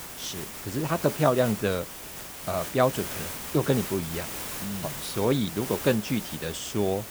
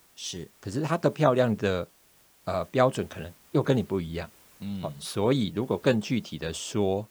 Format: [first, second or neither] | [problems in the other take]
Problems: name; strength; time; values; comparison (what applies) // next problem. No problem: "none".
second | hiss; loud; throughout; 7 dB below the speech; faint in the second